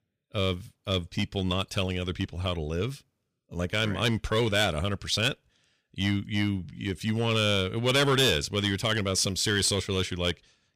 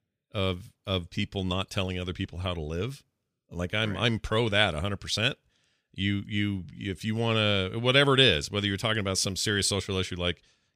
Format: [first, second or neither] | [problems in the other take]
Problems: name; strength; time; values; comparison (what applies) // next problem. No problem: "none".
second | distortion; slight; 4% of the sound clipped